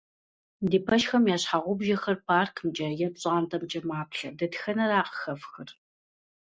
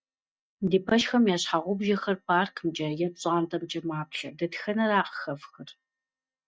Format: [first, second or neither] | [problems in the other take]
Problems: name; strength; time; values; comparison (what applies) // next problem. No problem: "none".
first | noise reduction (neural mask model DeepFilterNet 3)